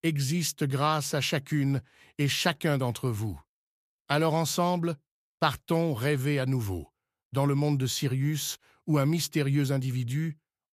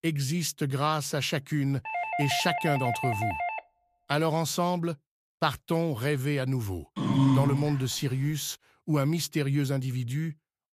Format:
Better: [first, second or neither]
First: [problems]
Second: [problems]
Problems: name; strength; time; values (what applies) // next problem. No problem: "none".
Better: first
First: none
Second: doorbell; noticeable; from 2 to 3.5 s; peak 2 dB below the speech // dog barking; loud; at 7 s; peak 5 dB above the speech